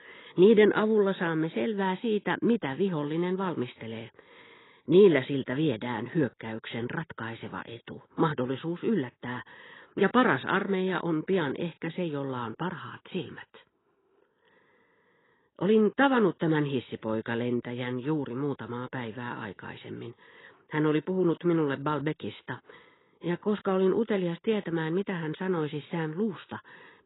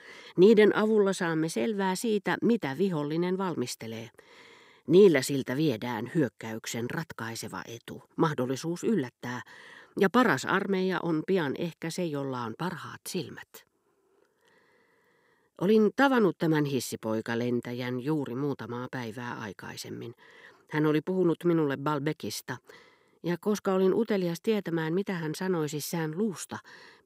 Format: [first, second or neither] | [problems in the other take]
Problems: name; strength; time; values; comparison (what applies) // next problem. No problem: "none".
second | garbled, watery; badly; nothing above 4 kHz